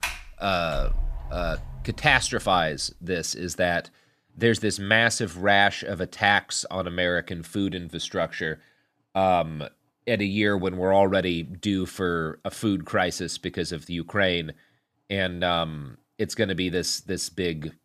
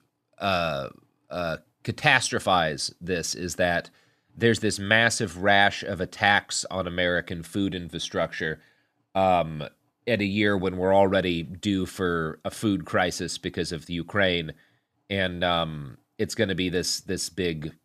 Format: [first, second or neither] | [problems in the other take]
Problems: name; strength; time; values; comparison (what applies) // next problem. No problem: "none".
second | door banging; noticeable; until 2.5 s; peak 6 dB below the speech